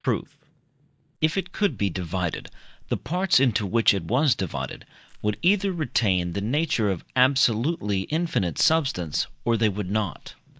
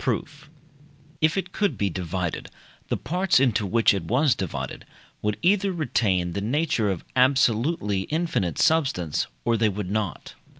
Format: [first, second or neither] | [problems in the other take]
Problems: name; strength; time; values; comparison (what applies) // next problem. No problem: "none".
second | noise reduction (neural mask model DeepFilterNet 3)